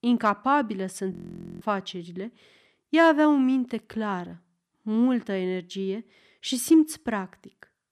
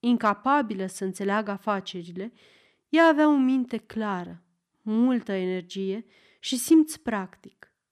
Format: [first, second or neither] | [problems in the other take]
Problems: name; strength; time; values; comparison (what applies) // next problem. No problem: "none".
second | audio freezing; at 1 s